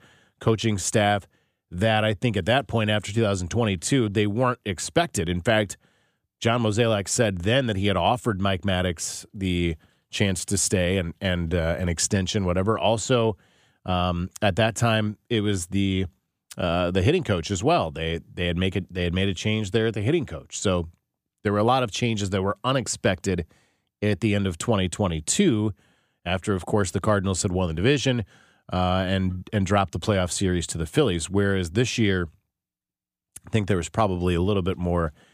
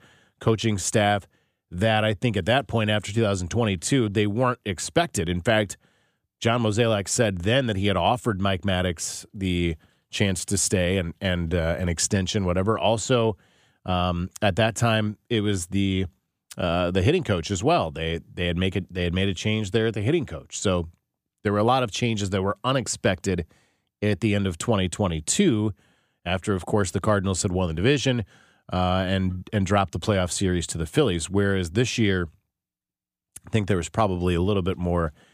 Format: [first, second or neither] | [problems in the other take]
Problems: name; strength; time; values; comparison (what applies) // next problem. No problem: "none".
neither | none